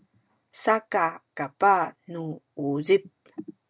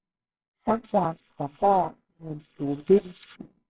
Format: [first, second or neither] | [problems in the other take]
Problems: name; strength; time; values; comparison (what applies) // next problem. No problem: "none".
first | noise reduction (neural separator model SepFormer WHAMR!)